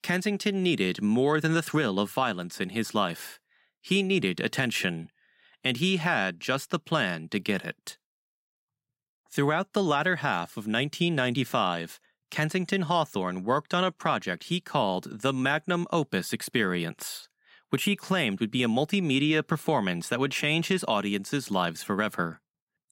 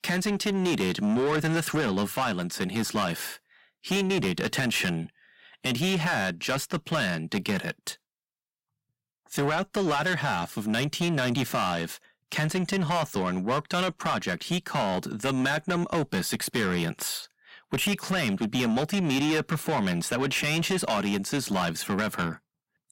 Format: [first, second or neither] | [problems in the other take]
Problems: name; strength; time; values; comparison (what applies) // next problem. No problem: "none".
first | distortion; heavy; 7 dB below the speech